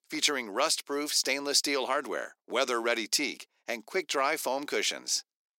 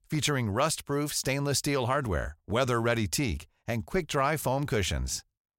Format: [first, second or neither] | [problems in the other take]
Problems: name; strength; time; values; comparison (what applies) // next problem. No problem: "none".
second | thin; somewhat; fading below 300 Hz